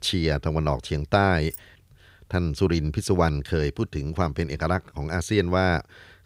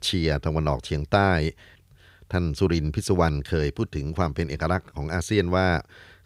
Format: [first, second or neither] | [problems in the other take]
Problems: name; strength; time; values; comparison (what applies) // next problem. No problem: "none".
second | jangling keys; faint; at 1.5 s; peak 15 dB below the speech